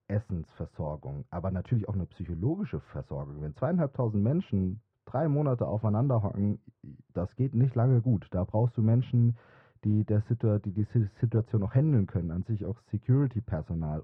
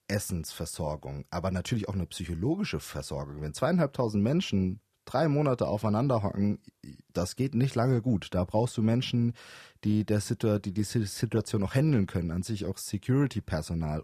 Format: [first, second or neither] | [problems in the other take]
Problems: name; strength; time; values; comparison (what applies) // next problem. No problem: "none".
second | muffled; very; fading above 1 kHz